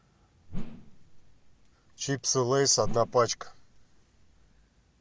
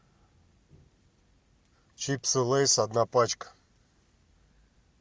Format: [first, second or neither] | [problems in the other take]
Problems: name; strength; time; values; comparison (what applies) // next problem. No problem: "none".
second | background sound (Whoosh, swoosh, swish); 7 dB below the speech